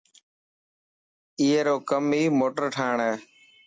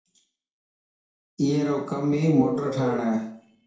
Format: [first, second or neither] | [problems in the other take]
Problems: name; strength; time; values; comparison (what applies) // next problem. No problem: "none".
first | noise reduction (neural separator model SepFormer DNS4)